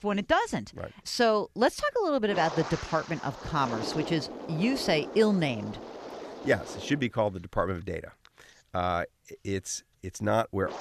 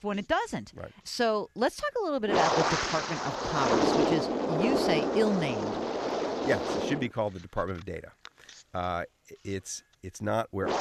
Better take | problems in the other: first | wind noise on the microphone; heavy; 3 dB above the speech; occasional gusts in the first

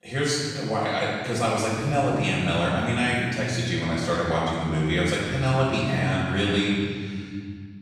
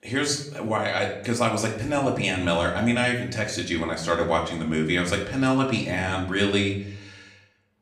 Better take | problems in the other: second | room echo; strong; dies away in 2.2 s; slight in the second // off-mic speech; far; somewhat distant in the second

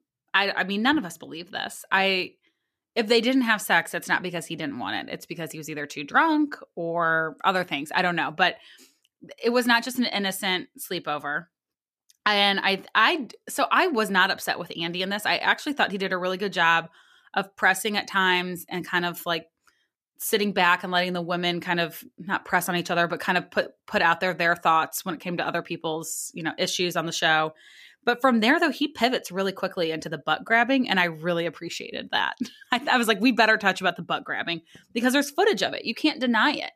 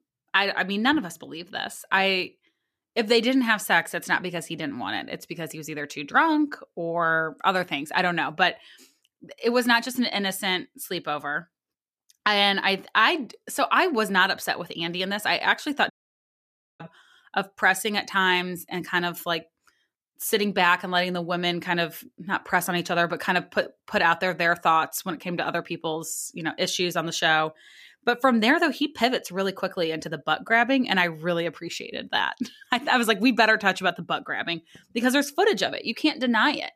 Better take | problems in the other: first | audio cutting out; at 16 s for 1 s

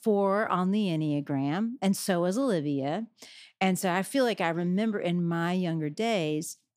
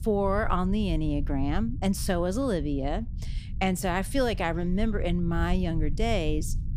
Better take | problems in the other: first | low rumble; faint; throughout; 20 dB below the speech

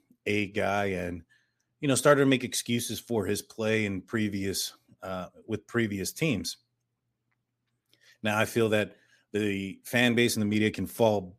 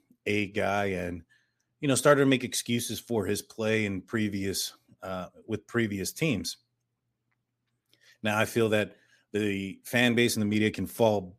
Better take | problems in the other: neither | none

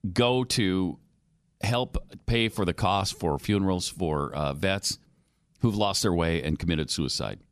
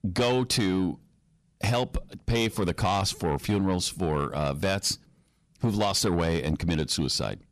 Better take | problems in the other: first | distortion; slight; 10 dB below the speech

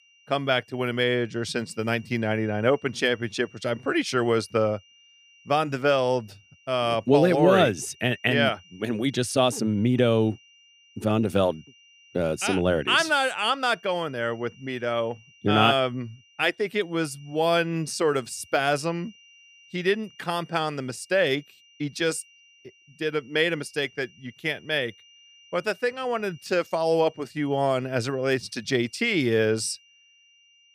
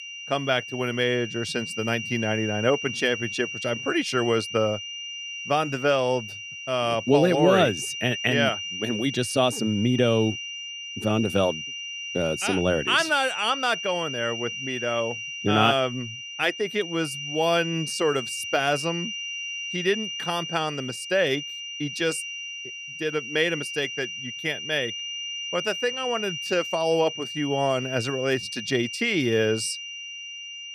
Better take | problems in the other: first | high-pitched whine; loud; throughout; 3 kHz, 7 dB below the speech; faint in the first

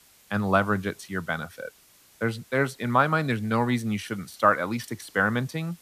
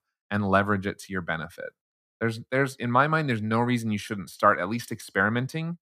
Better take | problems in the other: second | hiss; faint; throughout; 25 dB below the speech

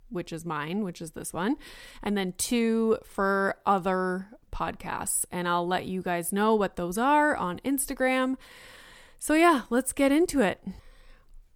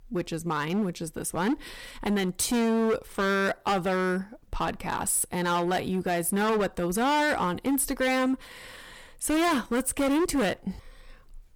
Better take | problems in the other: first | distortion; heavy; 16% of the sound clipped

